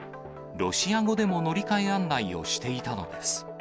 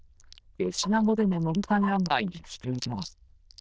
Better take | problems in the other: first | noise reduction (neural diffusion model UNIVERSE++)

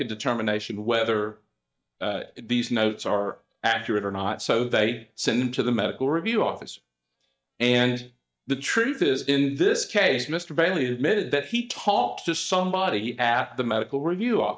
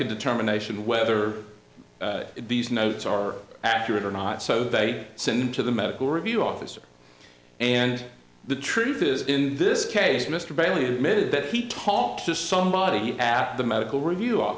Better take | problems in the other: second | noise reduction (neural mask model DeepFilterNet 3)

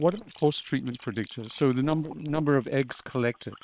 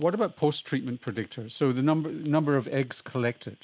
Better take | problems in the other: second | noise reduction (neural separator model SepFormer WHAM!)

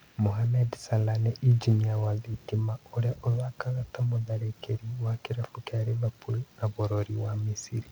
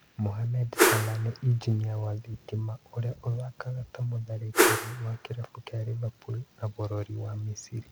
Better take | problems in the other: first | background sound (Whoosh, swoosh, swish); 5 dB above the speech

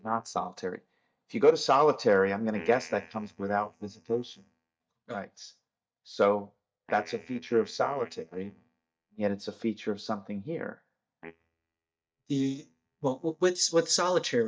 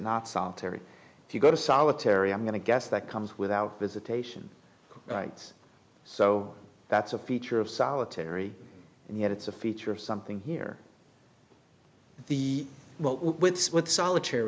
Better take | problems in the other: second | noise reduction (neural mask model DeepFilterNet 3)

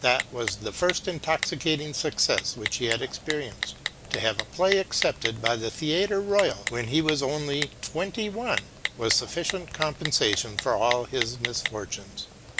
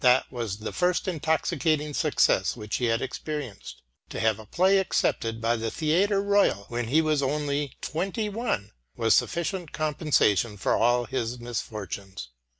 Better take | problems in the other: second | background sound (Typing); 7 dB below the speech

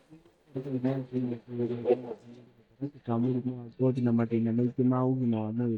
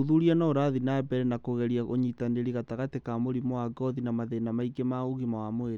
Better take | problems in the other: second | noise reduction (neural mask model DeepFilterNet 3)

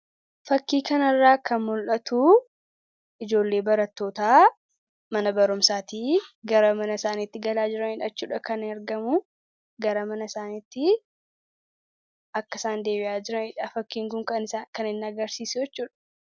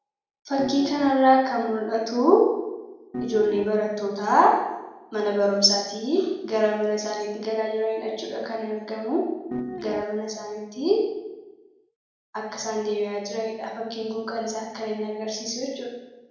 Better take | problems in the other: first | background sound (Piano); 6 dB below the speech // room echo; dies away in 0.9 s

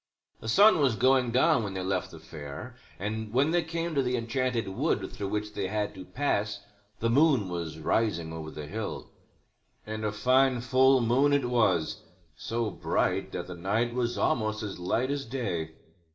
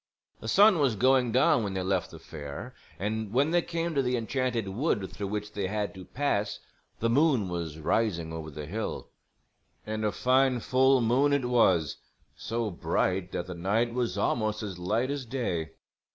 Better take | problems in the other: second | room echo; dies away in 0.4 s

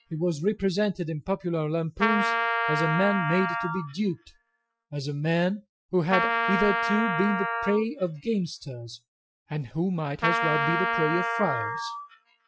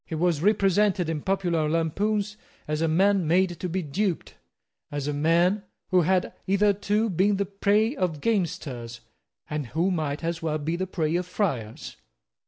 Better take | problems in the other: second | noise reduction (classical method Wiener filter)

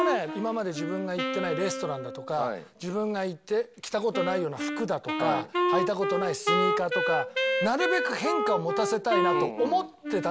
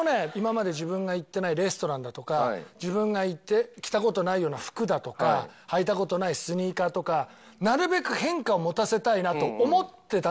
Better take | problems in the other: second | background sound (Wind instrument, woodwind instrument); 1 dB below the speech

